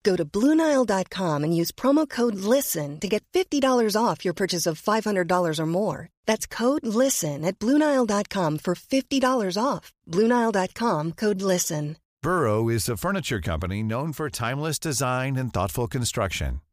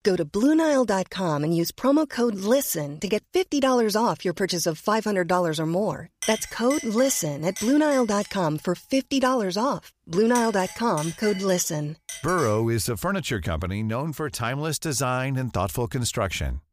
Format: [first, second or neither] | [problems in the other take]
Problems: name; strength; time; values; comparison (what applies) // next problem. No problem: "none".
first | clattering dishes; noticeable; from 6 to 13 s; peak 7 dB below the speech